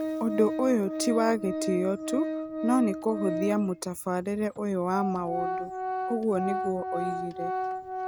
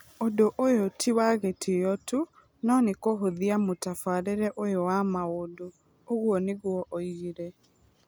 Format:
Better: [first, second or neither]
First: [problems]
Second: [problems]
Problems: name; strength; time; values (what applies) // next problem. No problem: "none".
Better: second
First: background sound (Organ); 4 dB below the speech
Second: none